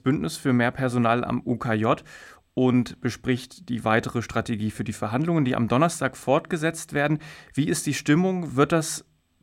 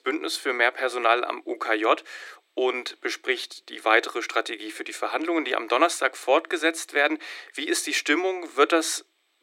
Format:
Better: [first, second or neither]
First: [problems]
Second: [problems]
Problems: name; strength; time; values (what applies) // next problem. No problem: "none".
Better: first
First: none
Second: thin; very; fading below 300 Hz